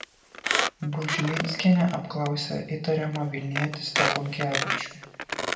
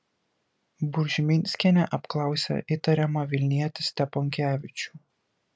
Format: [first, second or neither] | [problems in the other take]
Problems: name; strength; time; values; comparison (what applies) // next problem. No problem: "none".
second | background sound (Squeak); 3 dB below the speech // room echo; dies away in 0.7 s